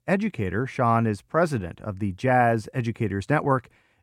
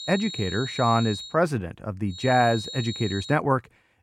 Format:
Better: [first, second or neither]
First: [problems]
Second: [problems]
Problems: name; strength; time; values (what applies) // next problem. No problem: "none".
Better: first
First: none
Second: high-pitched whine; loud; until 1.5 s and from 2 to 3.5 s; 4 kHz, 9 dB below the speech